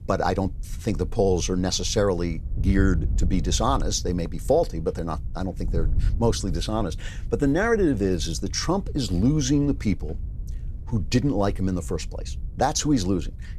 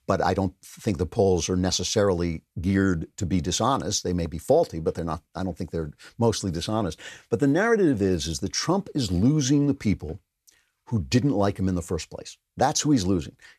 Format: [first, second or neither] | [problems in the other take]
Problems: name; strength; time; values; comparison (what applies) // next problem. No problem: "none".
second | wind noise on the microphone; occasional gusts; 25 dB below the speech